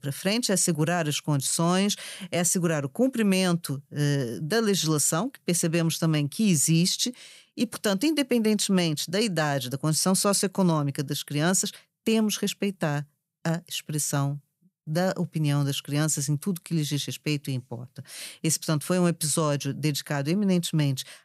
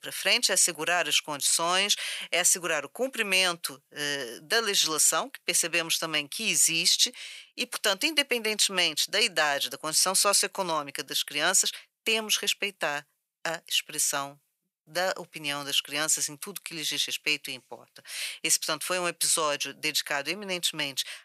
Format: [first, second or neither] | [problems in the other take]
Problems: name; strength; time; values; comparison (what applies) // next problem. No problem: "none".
first | thin; very; fading below 650 Hz